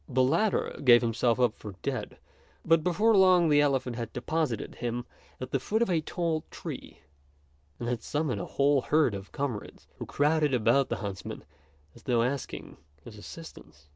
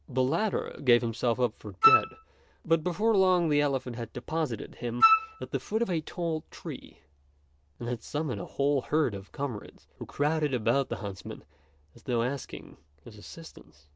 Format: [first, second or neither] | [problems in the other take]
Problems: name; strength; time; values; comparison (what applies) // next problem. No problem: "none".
first | background sound (Wind instrument, woodwind instrument); 4 dB above the speech